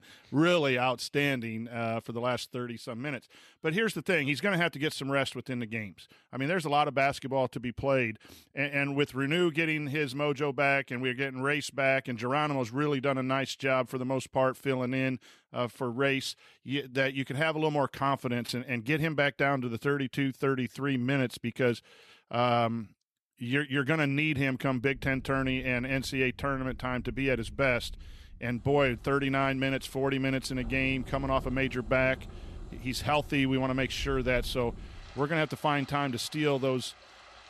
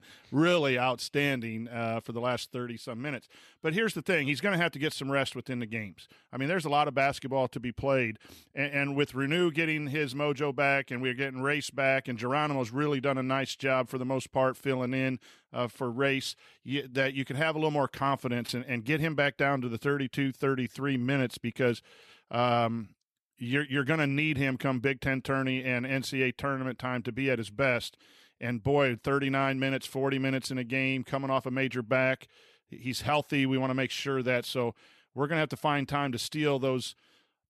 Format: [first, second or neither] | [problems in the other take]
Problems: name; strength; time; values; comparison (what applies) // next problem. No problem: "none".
second | rain or running water; noticeable; from 25 s on; 20 dB below the speech